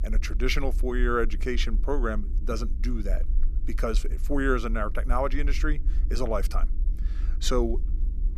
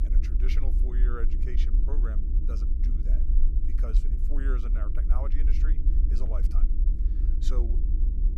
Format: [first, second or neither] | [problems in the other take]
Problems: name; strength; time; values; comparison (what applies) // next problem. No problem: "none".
first | low rumble; loud; throughout; 4 dB below the speech; faint in the first